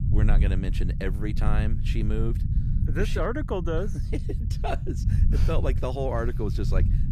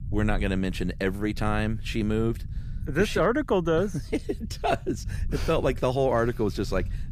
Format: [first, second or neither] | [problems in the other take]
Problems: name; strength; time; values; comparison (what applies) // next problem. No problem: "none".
second | low rumble; loud; throughout; 9 dB below the speech; faint in the second